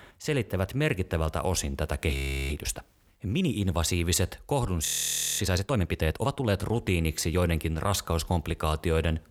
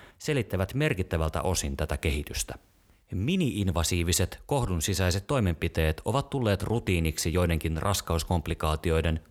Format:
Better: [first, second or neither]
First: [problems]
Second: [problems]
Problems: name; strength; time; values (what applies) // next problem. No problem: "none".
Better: second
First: audio freezing; at 2 s and at 5 s for 0.5 s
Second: none